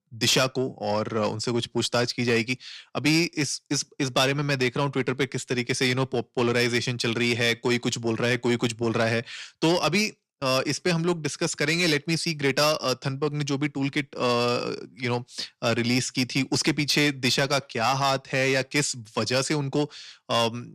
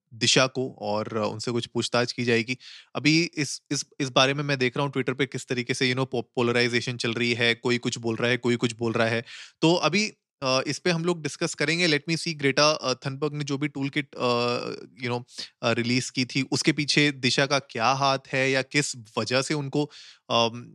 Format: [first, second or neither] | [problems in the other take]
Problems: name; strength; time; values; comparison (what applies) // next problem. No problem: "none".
second | distortion; slight; 10 dB below the speech